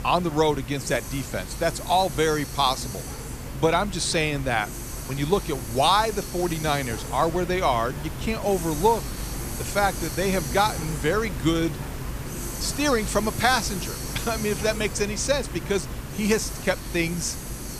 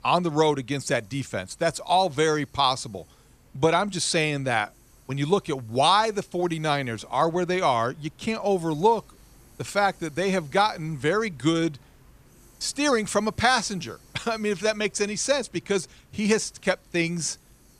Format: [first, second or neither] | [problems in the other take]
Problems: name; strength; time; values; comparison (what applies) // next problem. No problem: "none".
second | hiss; loud; throughout; 8 dB below the speech; faint in the second